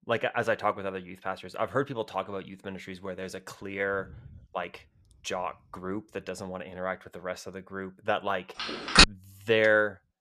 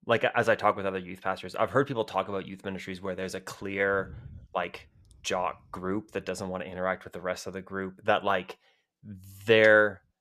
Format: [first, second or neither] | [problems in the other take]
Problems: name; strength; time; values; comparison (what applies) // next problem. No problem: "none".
second | phone ringing; loud; at 9 s; peak 15 dB above the speech